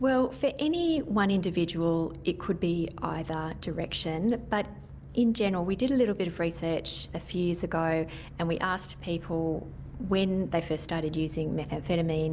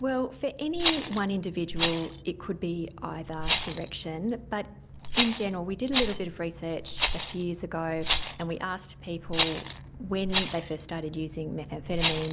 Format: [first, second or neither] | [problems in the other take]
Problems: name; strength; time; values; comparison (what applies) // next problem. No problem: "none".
first | background sound (Rattle); 2 dB below the speech